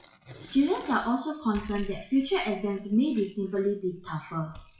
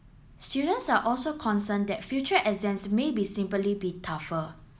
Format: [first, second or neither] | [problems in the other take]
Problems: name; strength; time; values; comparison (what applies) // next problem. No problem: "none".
second | noise reduction (classical method WPE with log-MMSE)